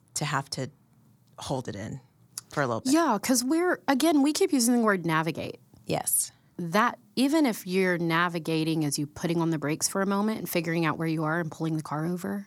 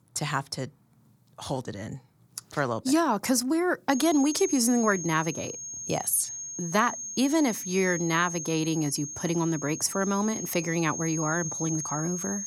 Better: first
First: none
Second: high-pitched whine; loud; from 4 s on; 6.5 kHz, 7 dB below the speech

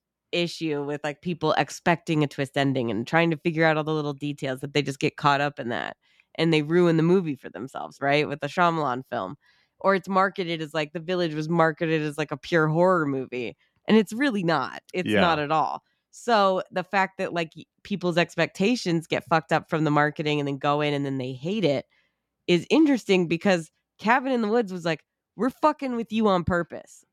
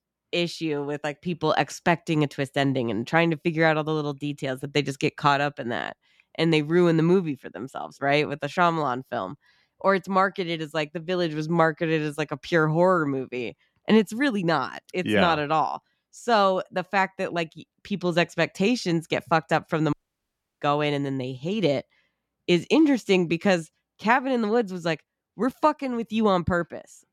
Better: first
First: none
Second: audio cutting out; at 20 s for 0.5 s

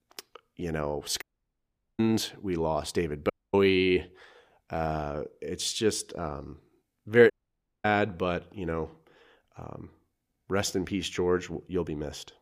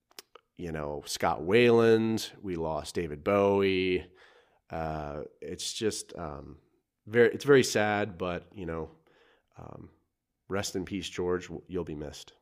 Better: second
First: audio cutting out; at 1 s for 1 s, at 3.5 s and at 7.5 s for 0.5 s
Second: none

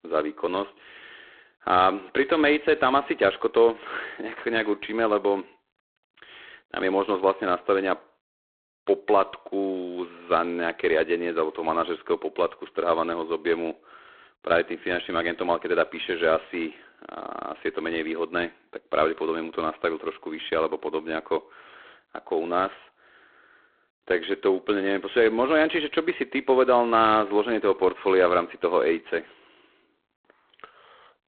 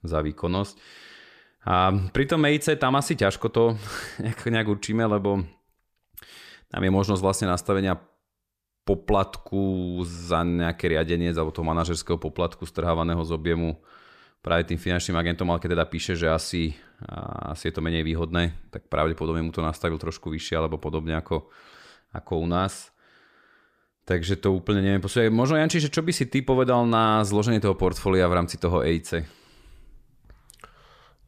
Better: second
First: phone-call audio; poor line; nothing above 3.5 kHz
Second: none

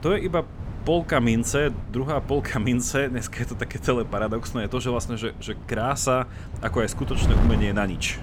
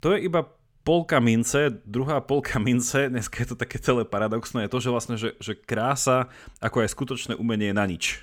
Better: second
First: wind noise on the microphone; occasional gusts; 15 dB below the speech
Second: none

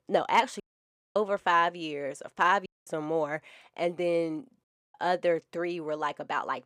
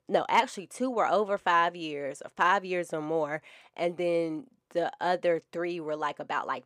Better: second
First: audio cutting out; at 0.5 s for 0.5 s, at 2.5 s and at 4.5 s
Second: none

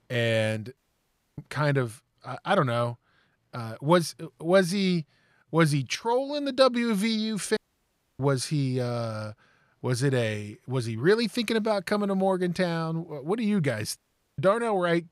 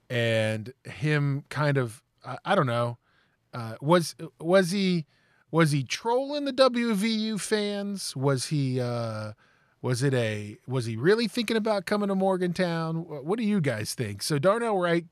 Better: second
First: audio cutting out; at 1 s for 0.5 s, at 7.5 s for 0.5 s and at 14 s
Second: none

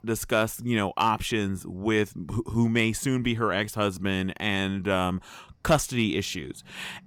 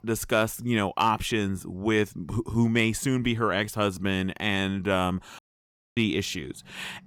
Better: first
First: none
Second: audio cutting out; at 5.5 s for 0.5 s

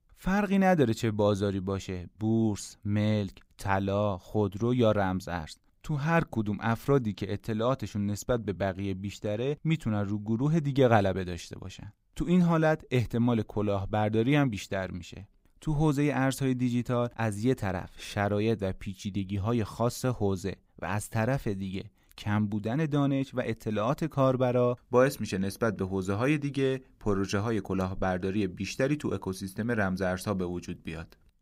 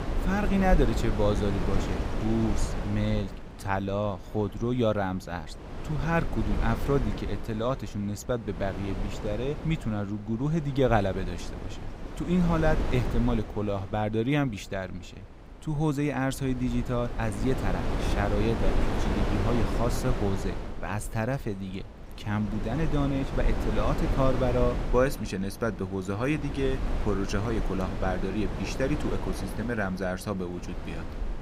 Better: first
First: none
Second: wind noise on the microphone; heavy; 7 dB below the speech

